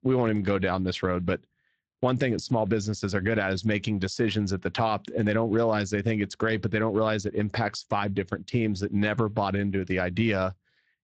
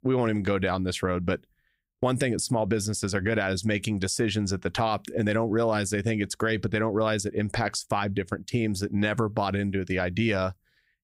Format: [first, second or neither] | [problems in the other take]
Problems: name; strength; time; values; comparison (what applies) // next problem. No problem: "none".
second | garbled, watery; slightly; nothing above 7.5 kHz